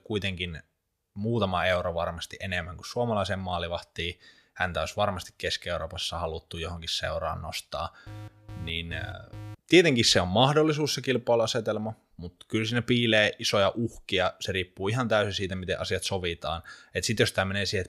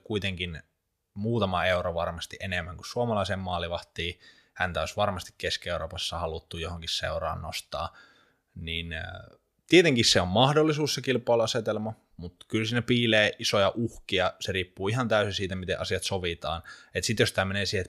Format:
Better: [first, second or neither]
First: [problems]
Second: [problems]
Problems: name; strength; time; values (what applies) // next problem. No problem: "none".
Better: second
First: alarm; faint; from 8 to 9.5 s; peak 15 dB below the speech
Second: none